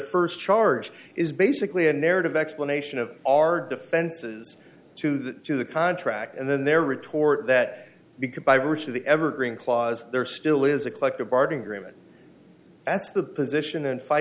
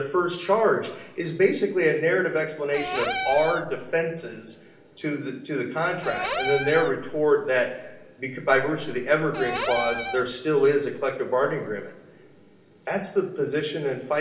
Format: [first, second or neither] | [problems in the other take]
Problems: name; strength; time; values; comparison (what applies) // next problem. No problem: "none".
first | background sound (Cupboard open or close / Door); 6 dB below the speech // room echo; dies away in 0.9 s